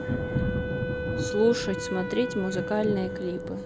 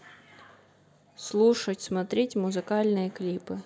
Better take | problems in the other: second | background sound (Wind instrument, woodwind instrument + Thunder); 1 dB below the speech

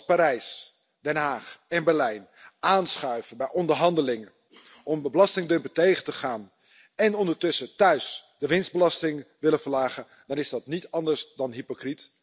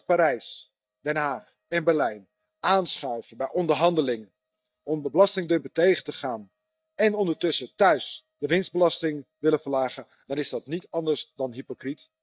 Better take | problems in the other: first | noise reduction (neural mask model DeepFilterNet 3)

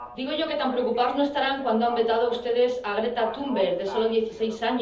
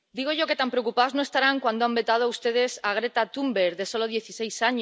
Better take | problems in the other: second | background sound (Livestock, farm animals, working animals); 17 dB below the speech // room echo; dies away in 0.7 s

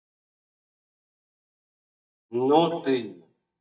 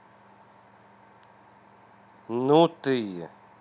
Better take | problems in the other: second | noise reduction (neural mask model DeepFilterNet 3)

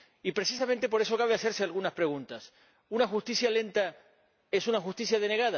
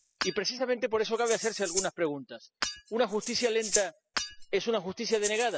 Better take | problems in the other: first | noise reduction (classical method spectral subtraction)

